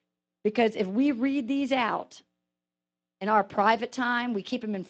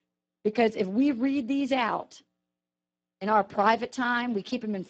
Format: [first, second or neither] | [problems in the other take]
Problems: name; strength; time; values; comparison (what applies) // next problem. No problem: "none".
first | garbled, watery; badly; nothing above 7.5 kHz; slightly in the first